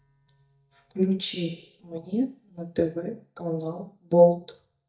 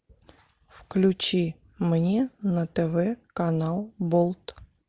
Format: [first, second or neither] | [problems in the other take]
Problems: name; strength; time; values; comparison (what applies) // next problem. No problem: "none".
second | noise reduction (neural mask model DeepFilterNet 3)